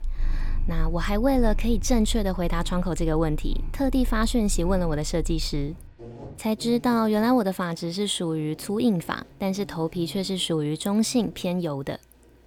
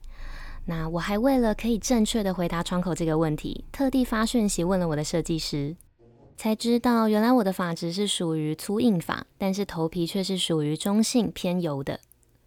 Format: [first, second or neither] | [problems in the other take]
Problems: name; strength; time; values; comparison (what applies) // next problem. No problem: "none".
second | animal sounds; loud; throughout; 10 dB below the speech; faint in the second